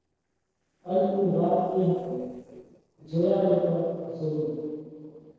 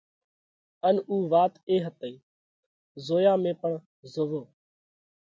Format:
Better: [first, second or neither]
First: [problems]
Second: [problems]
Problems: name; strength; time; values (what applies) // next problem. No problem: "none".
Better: second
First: noise reduction (neural separator model SepFormer DNS4)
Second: none